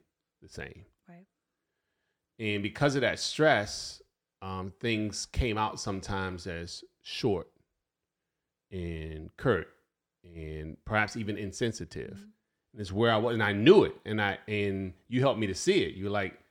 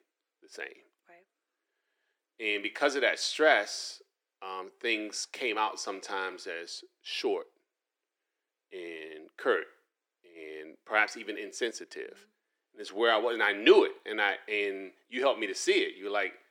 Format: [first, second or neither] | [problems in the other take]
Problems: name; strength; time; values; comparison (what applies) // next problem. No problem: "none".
first | thin; very; fading below 350 Hz